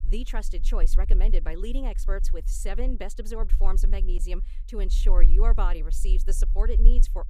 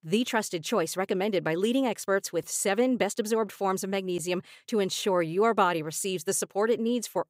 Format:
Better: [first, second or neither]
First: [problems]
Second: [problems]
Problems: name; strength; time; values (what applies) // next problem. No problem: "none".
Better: second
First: low rumble; noticeable; throughout; 15 dB below the speech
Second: none